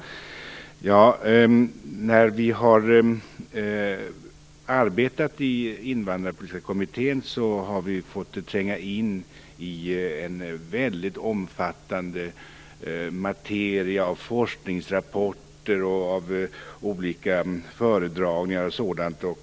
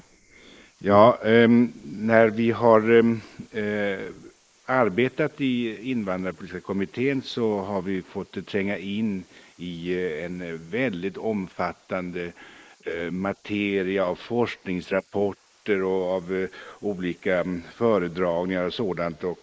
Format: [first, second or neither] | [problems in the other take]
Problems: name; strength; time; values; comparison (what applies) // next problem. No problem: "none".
first | noise reduction (neural mask model Resemble Enhance denoiser)